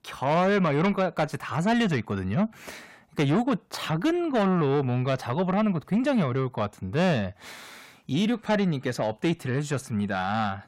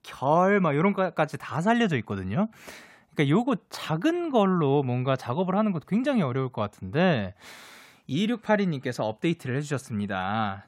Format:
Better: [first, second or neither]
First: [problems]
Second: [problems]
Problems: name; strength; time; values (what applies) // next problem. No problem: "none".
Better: second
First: distortion; slight; 10 dB below the speech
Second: none